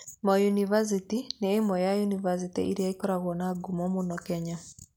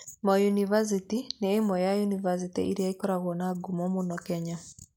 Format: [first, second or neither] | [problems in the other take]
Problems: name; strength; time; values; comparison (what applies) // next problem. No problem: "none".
first | noise reduction (neural mask model Resemble Enhance denoiser)